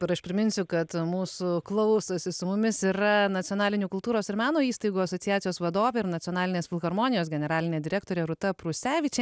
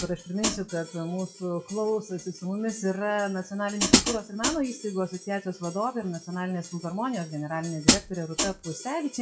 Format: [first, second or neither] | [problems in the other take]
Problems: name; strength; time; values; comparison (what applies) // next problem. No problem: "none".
first | noise reduction (classical method WPE with log-MMSE)